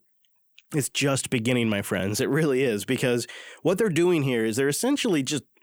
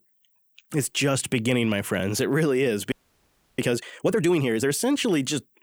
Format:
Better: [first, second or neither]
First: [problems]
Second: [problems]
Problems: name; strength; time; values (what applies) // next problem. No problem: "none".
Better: first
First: none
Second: audio freezing; at 3 s for 0.5 s